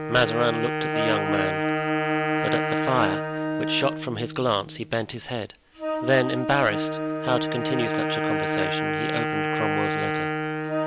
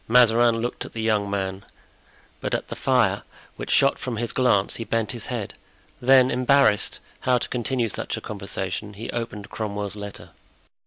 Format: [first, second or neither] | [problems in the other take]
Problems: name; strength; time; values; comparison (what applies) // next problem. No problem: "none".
second | background sound (Wind instrument, woodwind instrument + Wind instrument, woodwind instrument); 1 dB above the speech